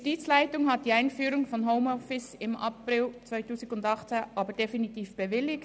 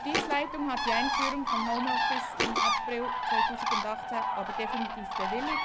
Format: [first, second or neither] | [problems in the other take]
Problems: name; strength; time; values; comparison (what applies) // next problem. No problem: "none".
first | background sound (Bird + Thump, thud); 5 dB above the speech